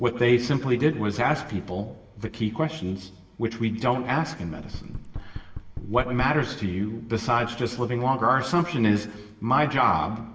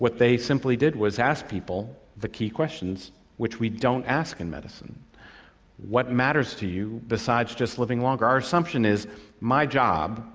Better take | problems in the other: second | background sound (Knock); 11 dB below the speech // room echo; dies away in 0.8 s

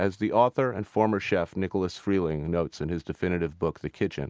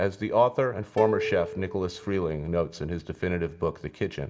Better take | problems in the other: first | background sound (Plucked string instrument); 7 dB below the speech // room echo; dies away in 0.6 s

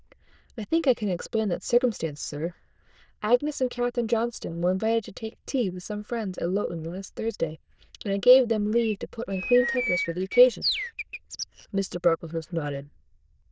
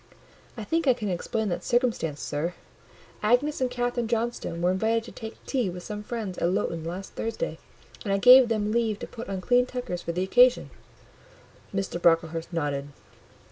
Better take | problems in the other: second | noise reduction (neural diffusion model UNIVERSE++)

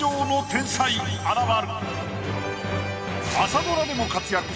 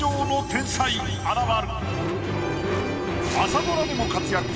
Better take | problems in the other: first | background sound (Engine starting / Car); 4 dB below the speech

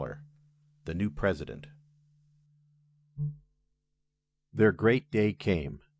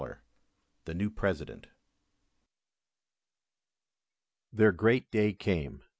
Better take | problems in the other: second | noise reduction (neural mask model DeepFilterNet 3)

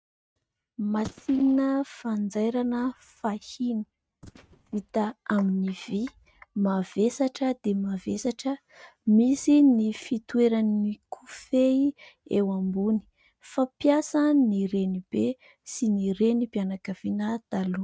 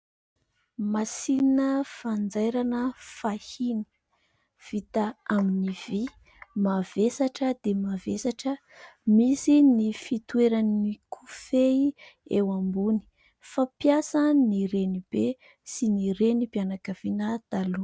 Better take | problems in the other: second | noise reduction (neural mask model RNNoise)

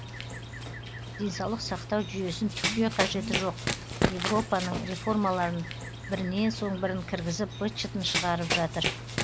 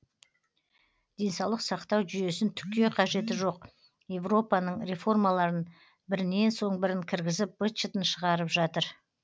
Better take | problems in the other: second | background sound (Run); 3 dB below the speech

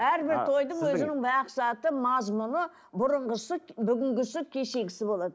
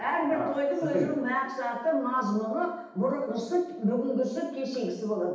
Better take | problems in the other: first | room echo; dies away in 0.9 s

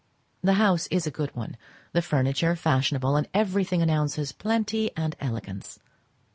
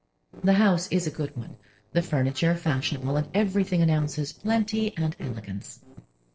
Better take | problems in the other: first | noise reduction (neural separator model SepFormer DNS4)

